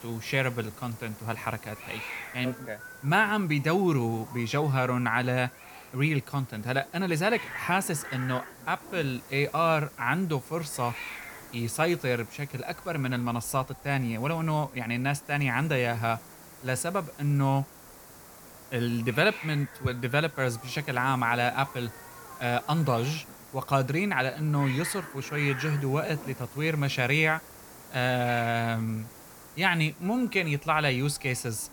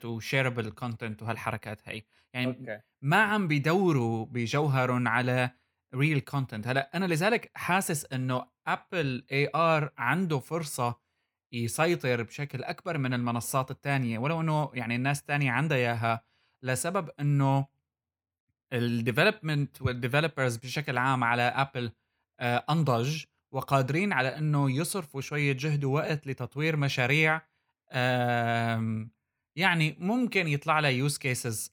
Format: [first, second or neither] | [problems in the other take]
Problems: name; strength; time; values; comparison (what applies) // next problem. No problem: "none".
second | hiss; noticeable; throughout; 15 dB below the speech